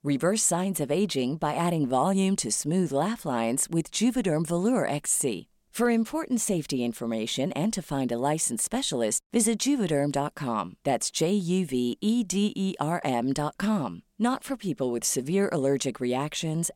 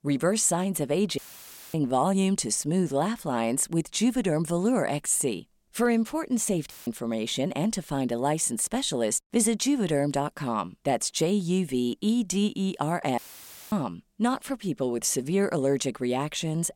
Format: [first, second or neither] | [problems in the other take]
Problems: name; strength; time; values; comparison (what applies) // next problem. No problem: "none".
first | audio cutting out; filled with static; at 1 s for 0.5 s, at 6.5 s and at 13 s for 0.5 s